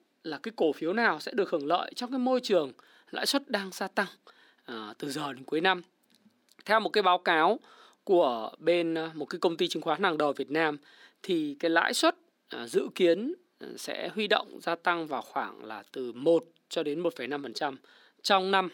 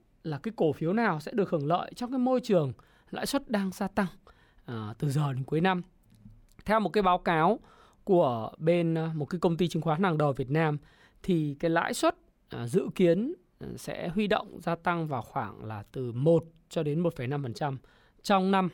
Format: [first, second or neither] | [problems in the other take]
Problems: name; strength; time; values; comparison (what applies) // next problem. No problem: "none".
second | thin; somewhat; fading below 250 Hz